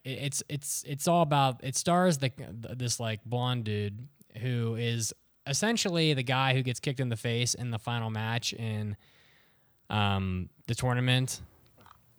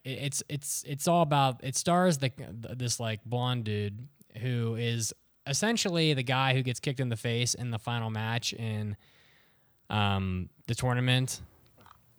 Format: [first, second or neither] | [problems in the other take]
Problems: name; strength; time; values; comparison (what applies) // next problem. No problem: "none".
neither | none